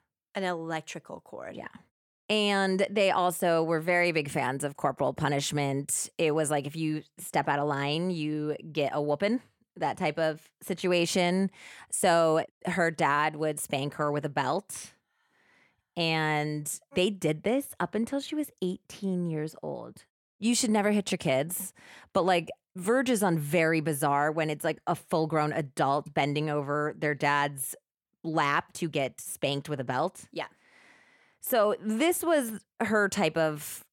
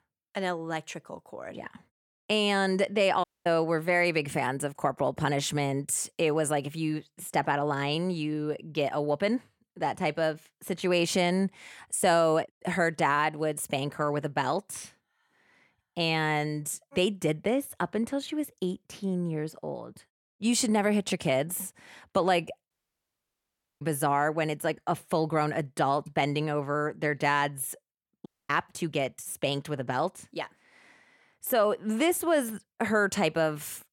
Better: first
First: none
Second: audio cutting out; at 3 s, at 23 s for 1 s and at 28 s

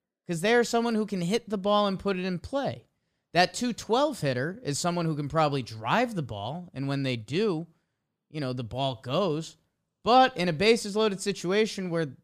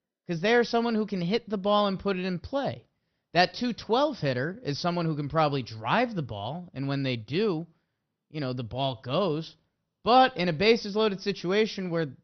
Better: first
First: none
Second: garbled, watery; slightly; nothing above 5.5 kHz

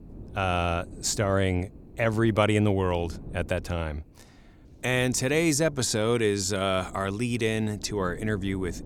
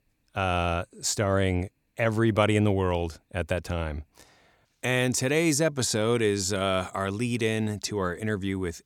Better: second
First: wind noise on the microphone; occasional gusts; 25 dB below the speech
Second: none

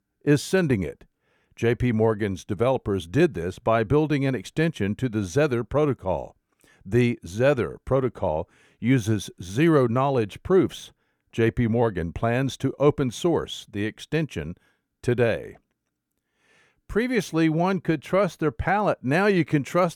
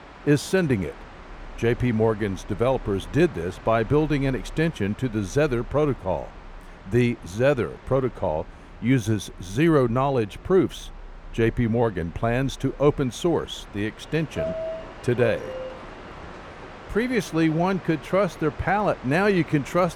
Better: first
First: none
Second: train or aircraft noise; noticeable; throughout; 15 dB below the speech

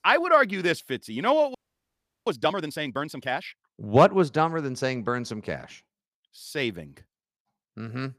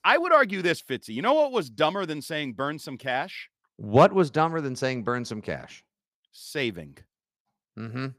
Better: second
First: audio freezing; at 1.5 s for 0.5 s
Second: none

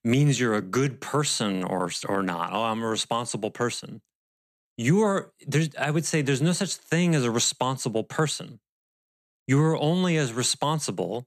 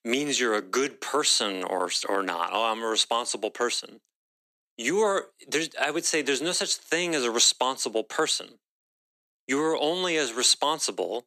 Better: first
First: none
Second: thin; somewhat; fading below 300 Hz

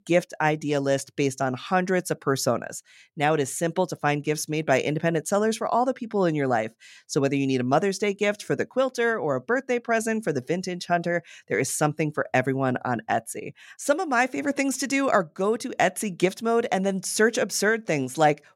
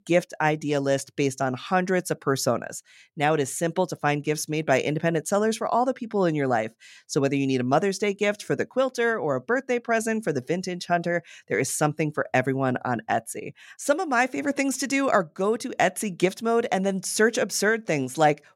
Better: neither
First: none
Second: none

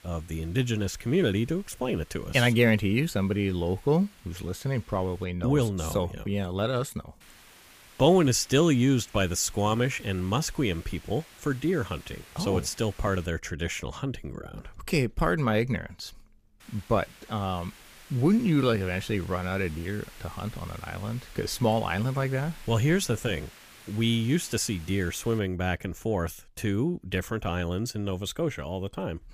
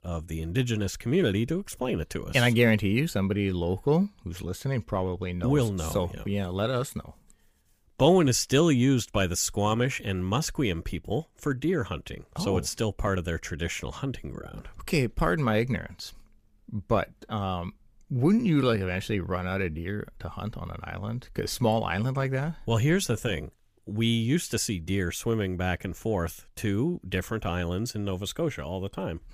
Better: second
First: hiss; faint; until 5 s, from 7 to 13 s and from 17 to 25 s; 20 dB below the speech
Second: none

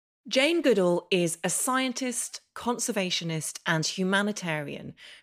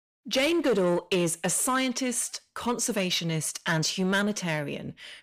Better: first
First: none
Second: distortion; slight; 10 dB below the speech

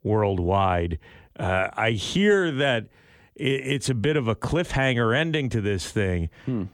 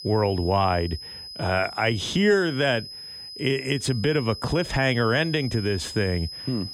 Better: first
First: none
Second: high-pitched whine; noticeable; throughout; 5 kHz, 10 dB below the speech

